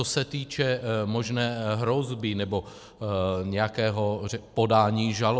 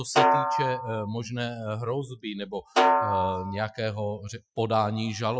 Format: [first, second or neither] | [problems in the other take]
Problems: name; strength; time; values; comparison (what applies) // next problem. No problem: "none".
first | noise reduction (classical method Wiener filter)